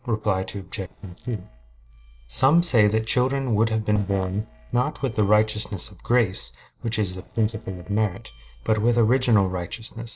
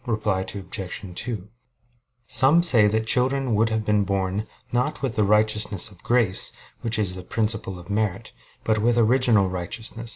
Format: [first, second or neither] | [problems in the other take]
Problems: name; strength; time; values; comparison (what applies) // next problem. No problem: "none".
second | noise reduction (neural separator model SepFormer DNS4)